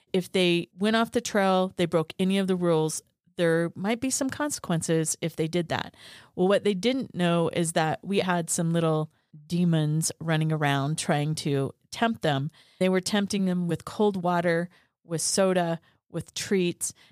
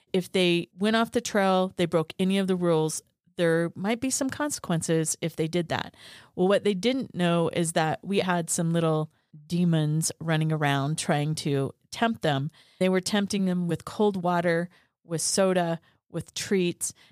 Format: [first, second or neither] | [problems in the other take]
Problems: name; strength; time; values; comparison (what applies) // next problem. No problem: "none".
neither | none